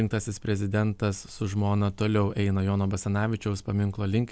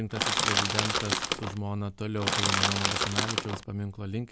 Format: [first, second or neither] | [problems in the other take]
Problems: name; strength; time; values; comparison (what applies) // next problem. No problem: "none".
first | background sound (Crushing); 5 dB above the speech